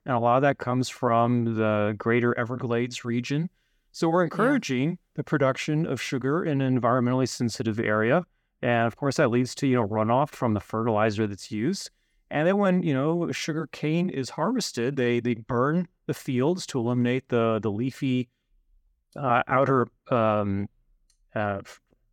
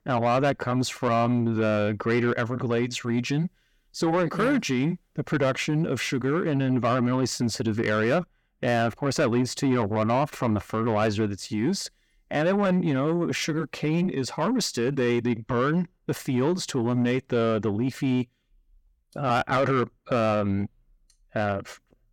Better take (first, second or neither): first